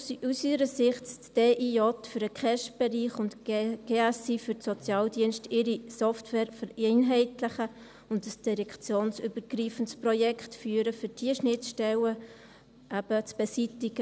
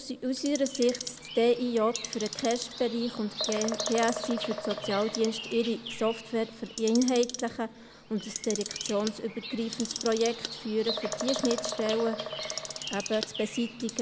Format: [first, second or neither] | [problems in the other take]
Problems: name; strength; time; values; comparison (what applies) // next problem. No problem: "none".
first | background sound (Bird vocalization, bird call, bird song + Clock); 8 dB below the speech